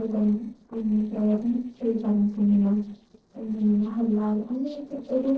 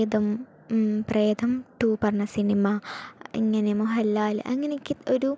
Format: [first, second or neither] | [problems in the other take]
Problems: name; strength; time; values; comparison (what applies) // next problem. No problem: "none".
second | noise reduction (neural separator model SepFormer DNS4)